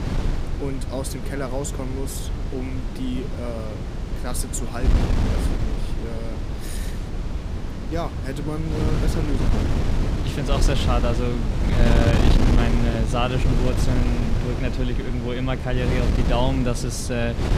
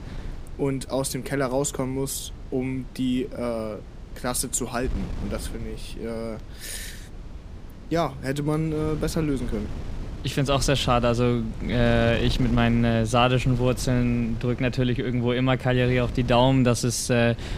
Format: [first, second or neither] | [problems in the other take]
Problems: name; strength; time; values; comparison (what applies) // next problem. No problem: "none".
second | wind noise on the microphone; heavy; 3 dB below the speech; occasional gusts in the second